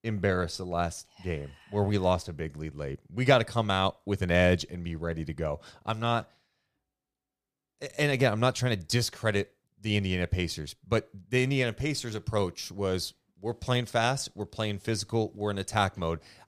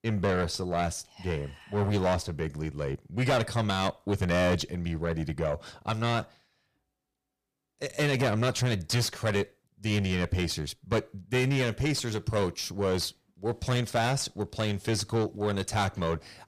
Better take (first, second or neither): first